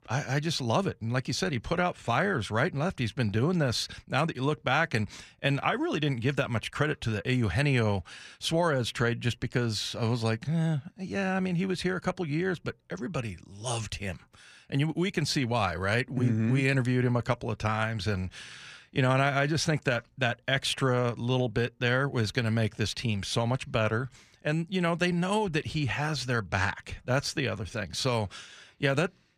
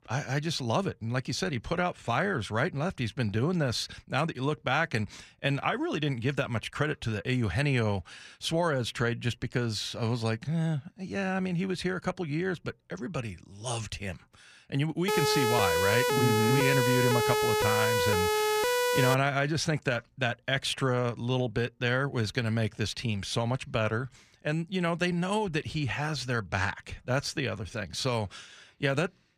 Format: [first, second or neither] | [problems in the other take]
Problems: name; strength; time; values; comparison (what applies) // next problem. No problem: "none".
first | siren; loud; from 15 to 19 s; peak 4 dB above the speech